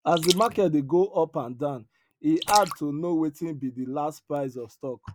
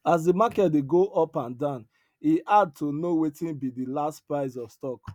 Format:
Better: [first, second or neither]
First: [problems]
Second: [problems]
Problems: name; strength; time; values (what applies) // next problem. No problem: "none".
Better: second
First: noise reduction (neural mask model Resemble Enhance denoiser)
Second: none